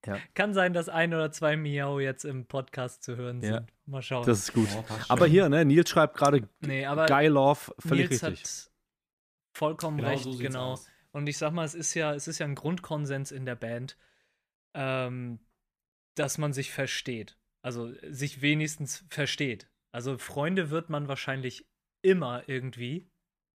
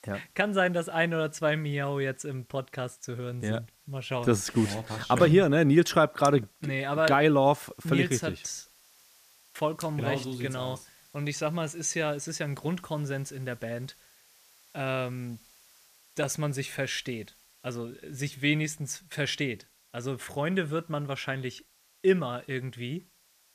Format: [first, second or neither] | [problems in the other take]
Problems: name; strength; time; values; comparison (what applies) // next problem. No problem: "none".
first | hiss; faint; throughout; 30 dB below the speech